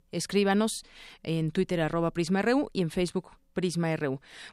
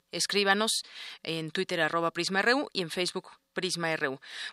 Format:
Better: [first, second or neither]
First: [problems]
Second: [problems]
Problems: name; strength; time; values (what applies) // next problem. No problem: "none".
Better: first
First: none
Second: thin; somewhat; fading below 700 Hz